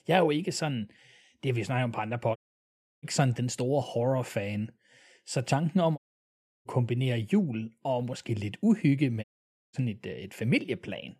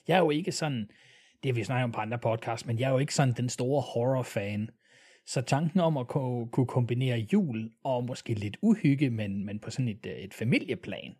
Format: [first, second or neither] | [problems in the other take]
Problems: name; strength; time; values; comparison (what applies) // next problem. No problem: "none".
second | audio cutting out; at 2.5 s for 0.5 s, at 6 s for 0.5 s and at 9 s